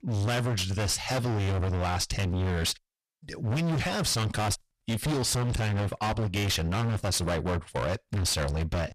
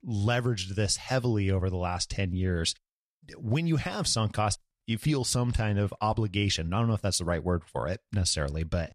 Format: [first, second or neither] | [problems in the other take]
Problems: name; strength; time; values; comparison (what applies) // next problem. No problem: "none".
second | distortion; heavy; 37% of the sound clipped